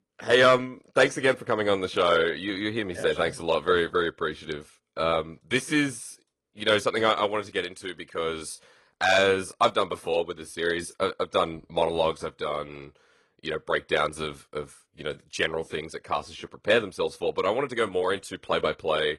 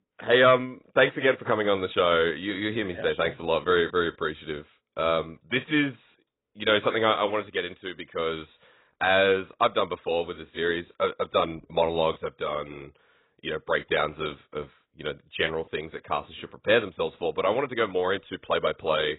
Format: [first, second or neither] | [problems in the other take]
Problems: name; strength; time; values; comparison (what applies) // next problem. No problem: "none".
first | garbled, watery; badly; nothing above 4 kHz; slightly in the first